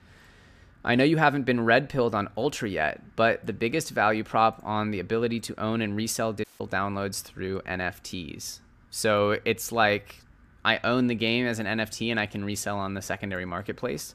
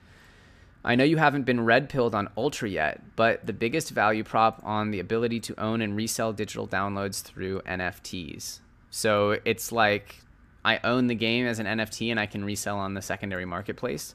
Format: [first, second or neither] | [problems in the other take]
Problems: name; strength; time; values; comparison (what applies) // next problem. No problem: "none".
second | audio cutting out; at 6.5 s